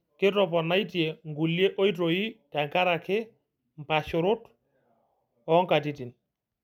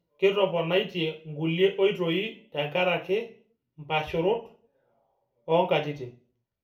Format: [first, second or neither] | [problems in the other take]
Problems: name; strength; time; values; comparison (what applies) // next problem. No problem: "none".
first | room echo; dies away in 0.3 s